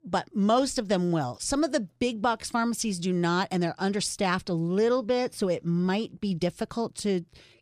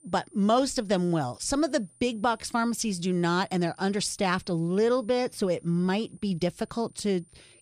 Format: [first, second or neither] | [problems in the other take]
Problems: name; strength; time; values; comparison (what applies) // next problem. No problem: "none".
first | high-pitched whine; faint; throughout; 9.5 kHz, 30 dB below the speech